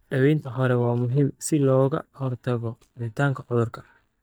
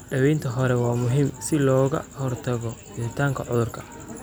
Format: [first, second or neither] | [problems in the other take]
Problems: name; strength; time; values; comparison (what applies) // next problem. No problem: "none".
second | noise reduction (neural mask model DeepFilterNet 3)